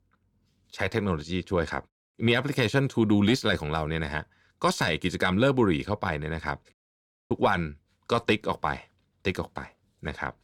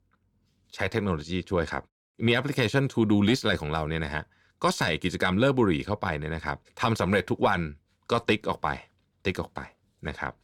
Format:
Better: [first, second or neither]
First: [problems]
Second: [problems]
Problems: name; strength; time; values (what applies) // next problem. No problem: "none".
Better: second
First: audio cutting out; at 6.5 s for 0.5 s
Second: none